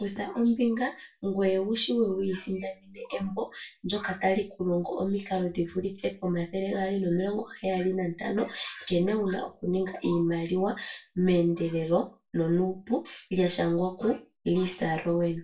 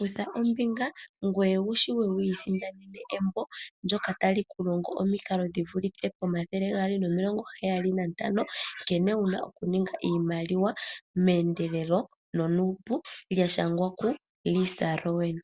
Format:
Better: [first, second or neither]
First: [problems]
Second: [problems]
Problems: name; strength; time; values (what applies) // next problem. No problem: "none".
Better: second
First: room echo; dies away in 0.2 s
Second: none